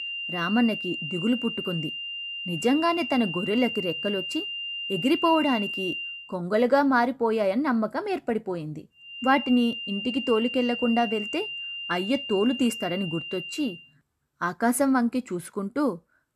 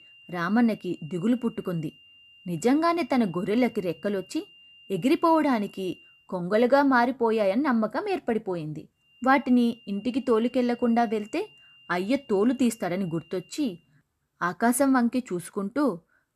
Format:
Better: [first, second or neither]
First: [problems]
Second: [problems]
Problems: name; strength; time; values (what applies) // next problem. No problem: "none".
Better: second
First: high-pitched whine; loud; until 6 s and from 9 to 14 s; 3 kHz, 5 dB below the speech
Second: high-pitched whine; faint; until 6 s and from 9 to 14 s; 3 kHz, 25 dB below the speech